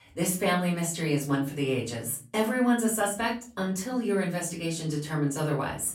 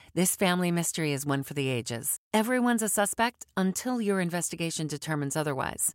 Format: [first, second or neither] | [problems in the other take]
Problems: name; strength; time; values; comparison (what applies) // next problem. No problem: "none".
second | off-mic speech; far // room echo; slight; dies away in 0.4 s